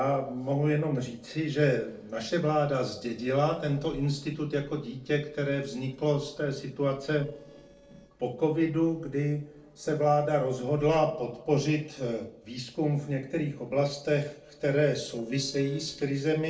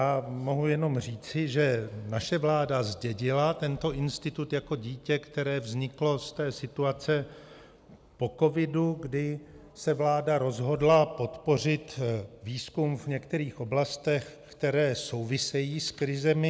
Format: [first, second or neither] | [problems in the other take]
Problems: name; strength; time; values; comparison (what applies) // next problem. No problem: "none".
second | noise reduction (neural separator model SepFormer DNS4)